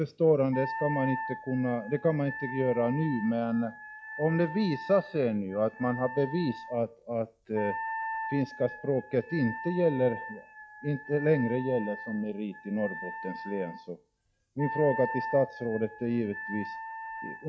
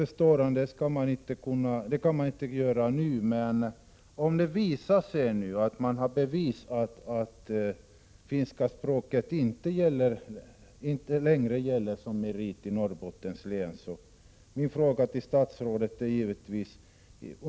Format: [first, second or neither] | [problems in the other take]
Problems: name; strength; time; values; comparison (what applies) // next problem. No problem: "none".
second | noise reduction (classical method log-MMSE)